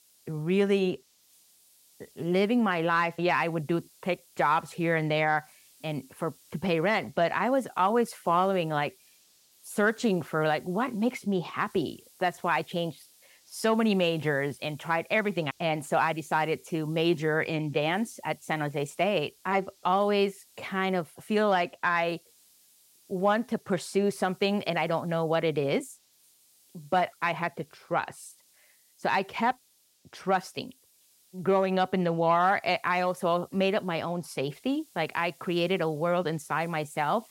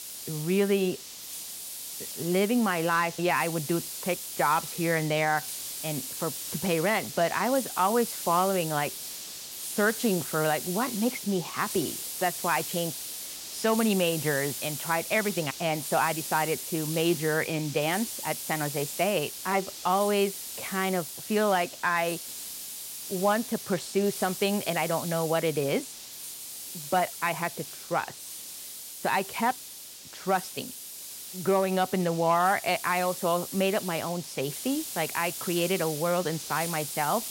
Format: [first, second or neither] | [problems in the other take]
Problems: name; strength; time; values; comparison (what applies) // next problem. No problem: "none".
first | hiss; loud; throughout; 7 dB below the speech; faint in the first